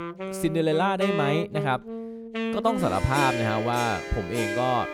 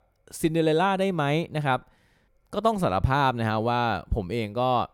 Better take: second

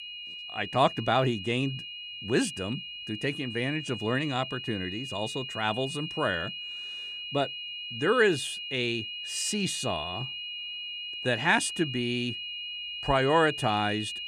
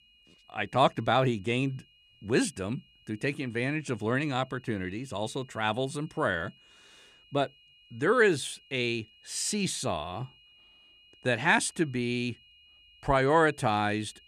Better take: second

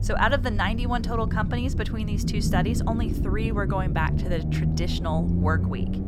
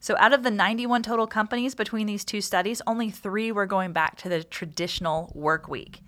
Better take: second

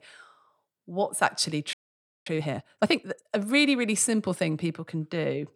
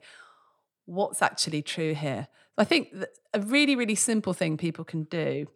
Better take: second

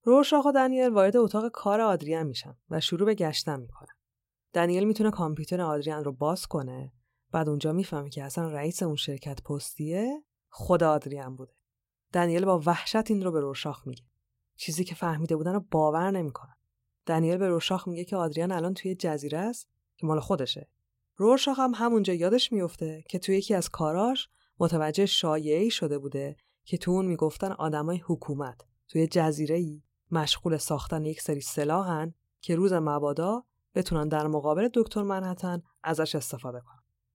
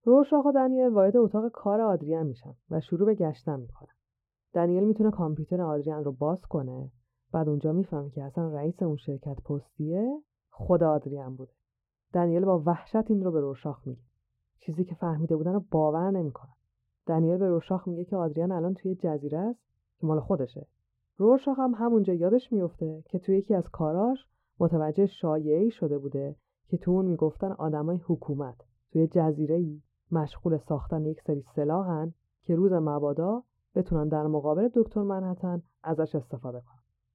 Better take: first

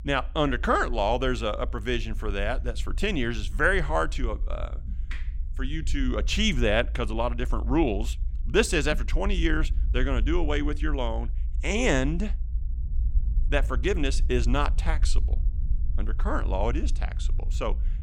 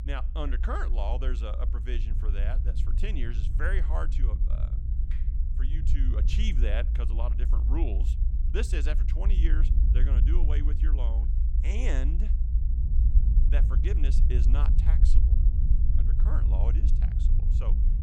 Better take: first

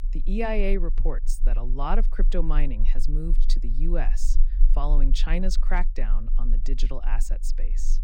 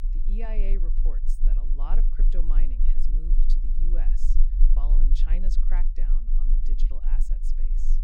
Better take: first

